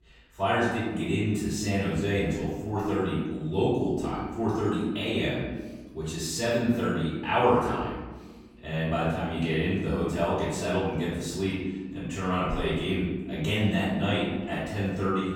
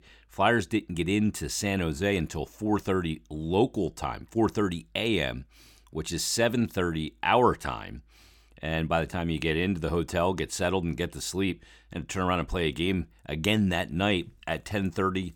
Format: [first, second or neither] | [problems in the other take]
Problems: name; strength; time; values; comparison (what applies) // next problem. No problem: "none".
second | room echo; strong; dies away in 1.3 s // off-mic speech; far